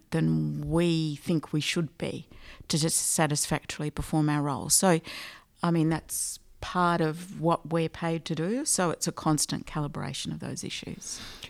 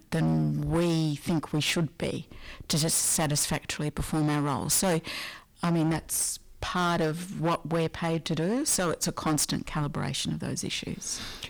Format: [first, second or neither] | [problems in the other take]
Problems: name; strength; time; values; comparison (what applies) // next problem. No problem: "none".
first | distortion; heavy; 13% of the sound clipped